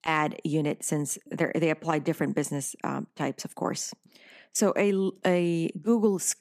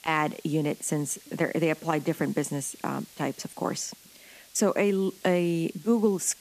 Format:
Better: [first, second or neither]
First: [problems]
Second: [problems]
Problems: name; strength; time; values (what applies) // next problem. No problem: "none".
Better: first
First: none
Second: hiss; faint; throughout; 20 dB below the speech